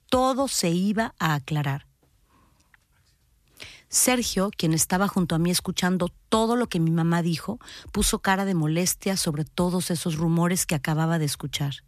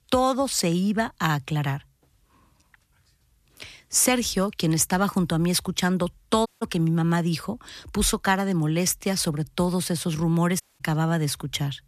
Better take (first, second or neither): first